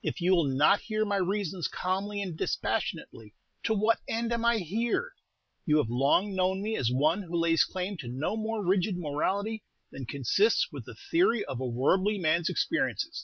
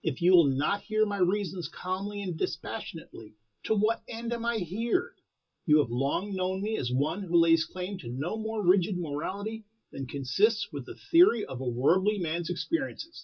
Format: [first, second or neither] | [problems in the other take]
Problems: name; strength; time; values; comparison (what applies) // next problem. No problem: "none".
first | room echo; dies away in 0.2 s